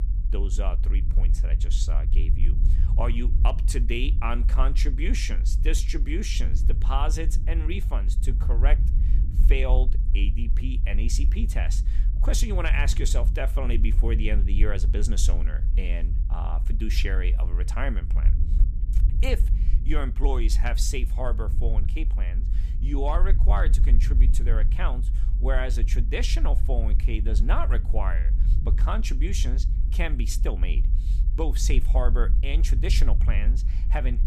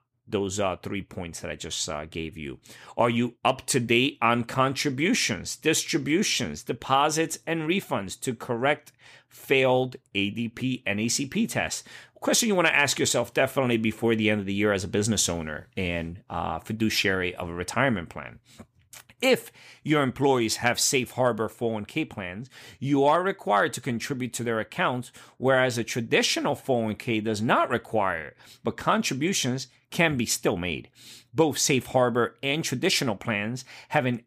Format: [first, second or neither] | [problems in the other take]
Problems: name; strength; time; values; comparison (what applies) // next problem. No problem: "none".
second | low rumble; noticeable; throughout; 10 dB below the speech